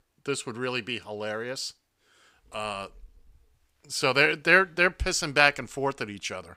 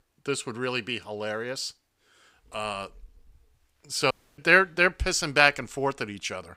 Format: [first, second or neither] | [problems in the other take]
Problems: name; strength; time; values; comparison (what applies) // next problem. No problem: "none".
first | audio cutting out; at 4 s